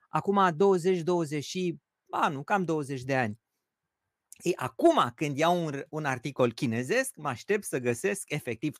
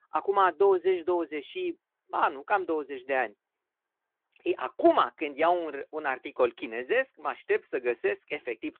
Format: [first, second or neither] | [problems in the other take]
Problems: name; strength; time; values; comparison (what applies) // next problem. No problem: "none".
first | phone-call audio